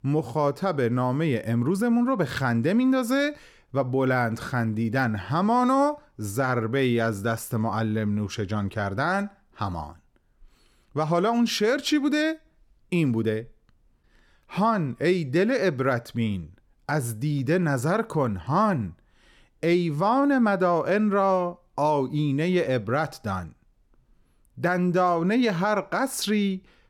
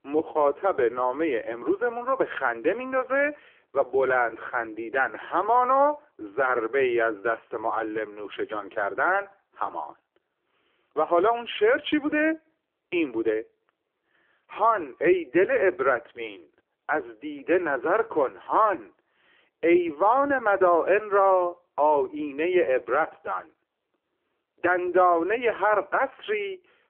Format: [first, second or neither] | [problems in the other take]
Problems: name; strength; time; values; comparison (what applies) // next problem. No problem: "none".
first | phone-call audio; poor line; nothing above 3.5 kHz